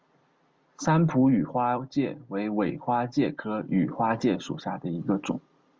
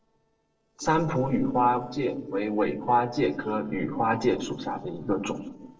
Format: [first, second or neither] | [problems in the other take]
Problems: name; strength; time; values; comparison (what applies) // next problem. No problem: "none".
first | noise reduction (neural separator model SepFormer DNS4)